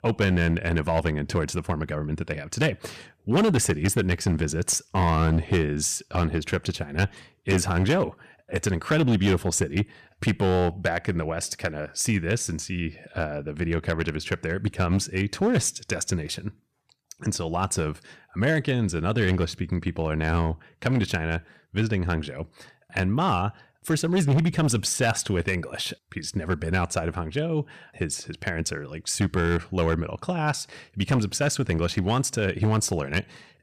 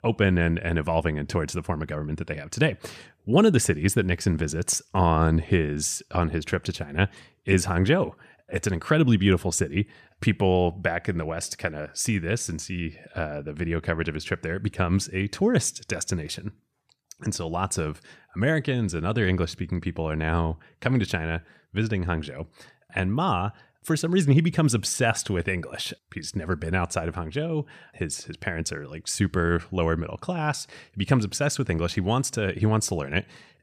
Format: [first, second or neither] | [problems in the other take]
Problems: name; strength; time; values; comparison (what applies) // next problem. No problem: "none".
second | distortion; slight; 5% of the sound clipped